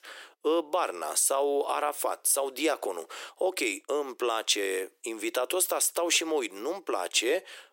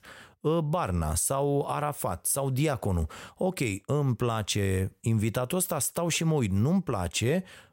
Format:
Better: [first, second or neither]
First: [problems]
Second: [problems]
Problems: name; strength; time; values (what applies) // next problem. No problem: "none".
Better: second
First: thin; very; fading below 300 Hz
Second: none